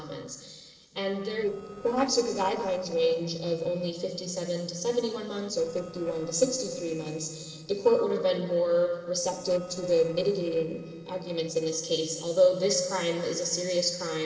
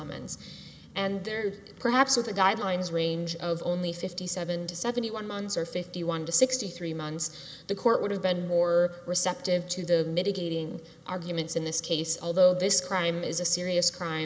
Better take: second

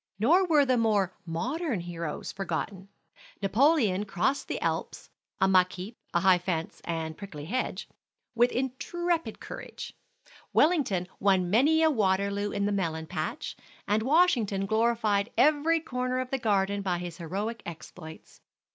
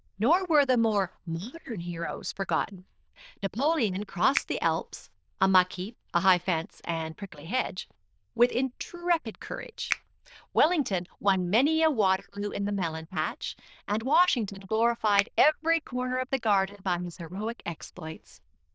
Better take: first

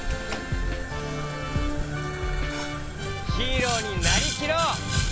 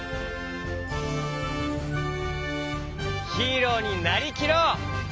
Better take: second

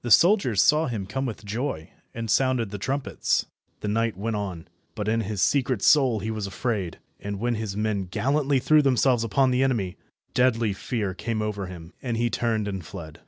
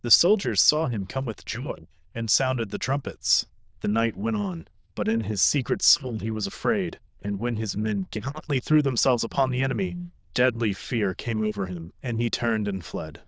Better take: first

